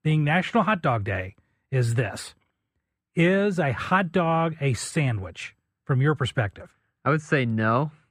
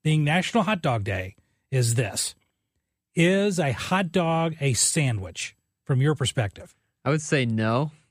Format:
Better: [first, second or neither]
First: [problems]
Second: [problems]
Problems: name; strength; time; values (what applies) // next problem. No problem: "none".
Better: second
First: muffled; slightly; fading above 3.5 kHz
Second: none